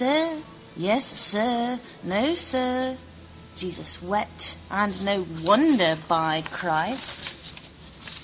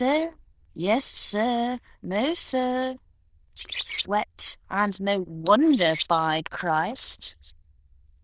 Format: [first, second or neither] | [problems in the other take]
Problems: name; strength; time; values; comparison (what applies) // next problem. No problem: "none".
first | noise reduction (neural diffusion model UNIVERSE++)